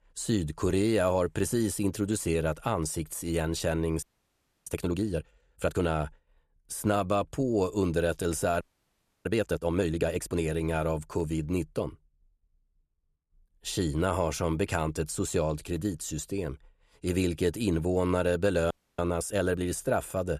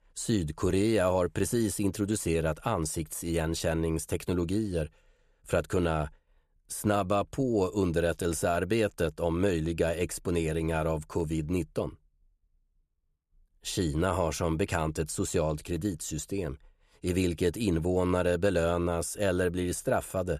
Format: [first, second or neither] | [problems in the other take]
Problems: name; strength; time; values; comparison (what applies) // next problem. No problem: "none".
second | audio freezing; at 4 s for 0.5 s, at 8.5 s for 0.5 s and at 19 s